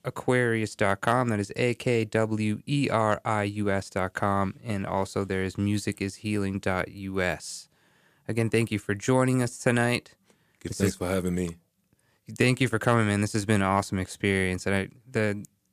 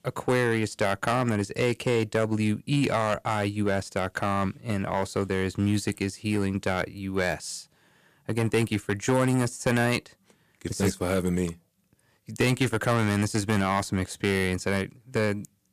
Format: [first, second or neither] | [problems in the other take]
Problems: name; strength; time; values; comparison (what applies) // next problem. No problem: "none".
first | distortion; slight; 4% of the sound clipped